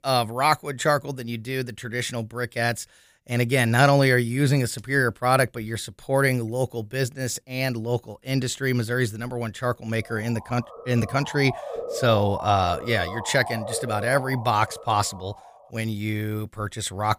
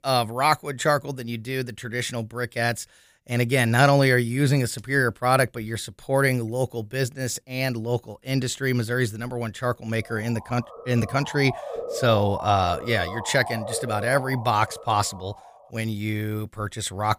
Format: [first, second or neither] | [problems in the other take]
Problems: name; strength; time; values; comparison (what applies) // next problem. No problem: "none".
neither | siren; noticeable; from 10 to 16 s; peak 7 dB below the speech; the same in both